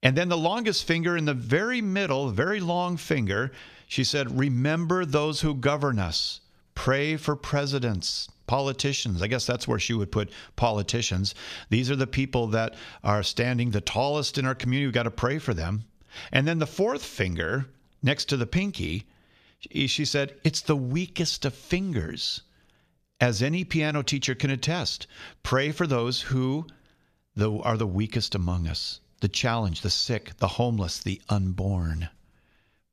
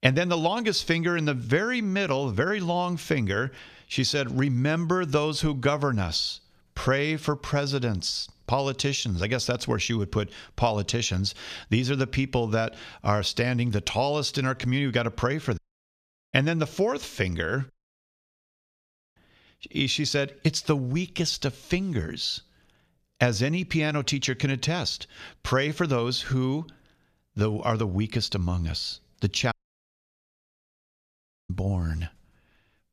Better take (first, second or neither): first